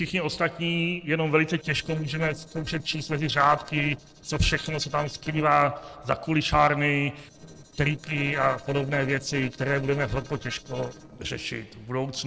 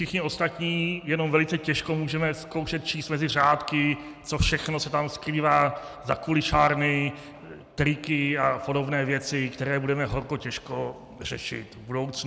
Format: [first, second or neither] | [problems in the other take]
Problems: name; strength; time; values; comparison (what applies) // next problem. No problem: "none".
second | noise reduction (neural separator model SepFormer DNS4)